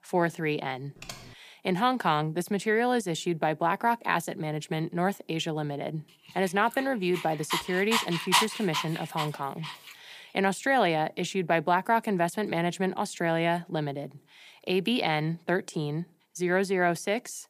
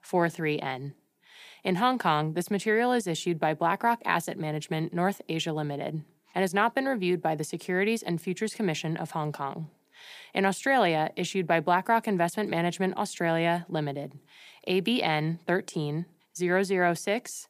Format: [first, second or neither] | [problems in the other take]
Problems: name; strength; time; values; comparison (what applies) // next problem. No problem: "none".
second | keyboard typing; faint; at 1 s; peak 15 dB below the speech // dog barking; loud; from 7 to 9.5 s; peak 4 dB above the speech